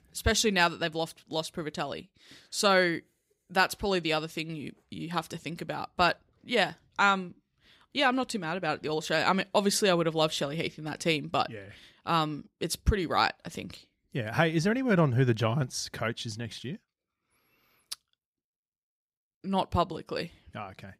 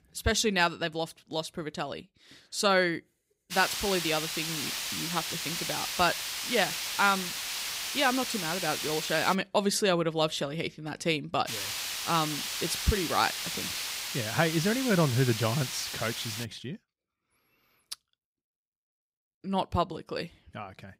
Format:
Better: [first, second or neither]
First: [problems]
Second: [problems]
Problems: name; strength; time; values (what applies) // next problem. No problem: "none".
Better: first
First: none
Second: hiss; loud; from 3.5 to 9.5 s and from 11 to 16 s; 3 dB below the speech